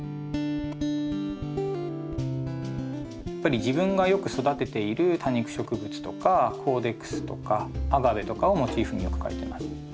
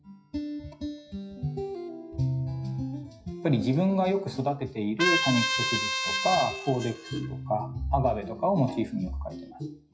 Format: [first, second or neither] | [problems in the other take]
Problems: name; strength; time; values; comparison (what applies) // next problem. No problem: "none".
first | noise reduction (classical method WPE with log-MMSE)